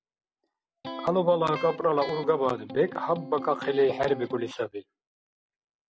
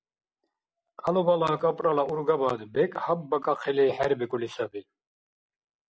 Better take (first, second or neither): second